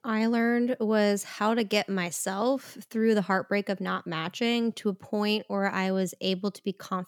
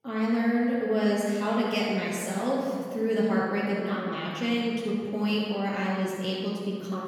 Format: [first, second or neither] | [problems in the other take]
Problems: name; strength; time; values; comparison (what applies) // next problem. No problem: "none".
first | room echo; strong; dies away in 2.2 s // off-mic speech; far